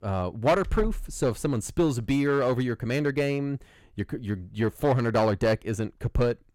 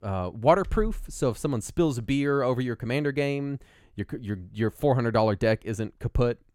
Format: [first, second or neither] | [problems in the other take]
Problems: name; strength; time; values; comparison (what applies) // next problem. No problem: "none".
second | distortion; slight; 5% of the sound clipped